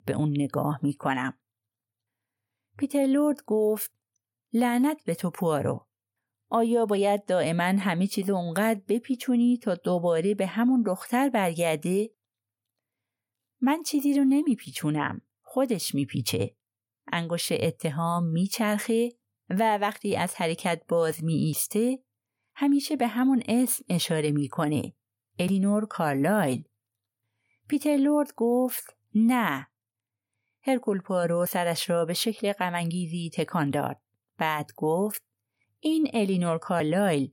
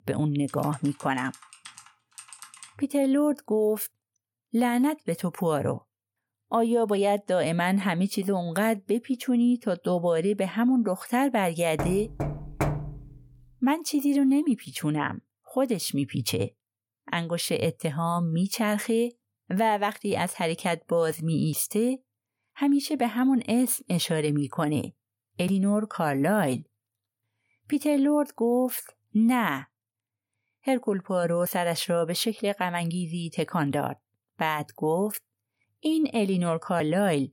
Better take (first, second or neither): first